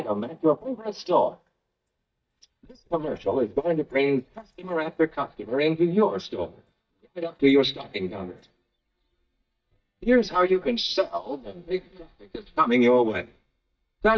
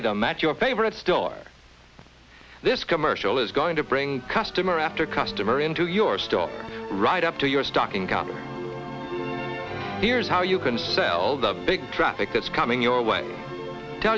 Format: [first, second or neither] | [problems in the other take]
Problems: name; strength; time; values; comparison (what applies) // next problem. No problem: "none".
second | noise reduction (neural mask model DeepFilterNet 3)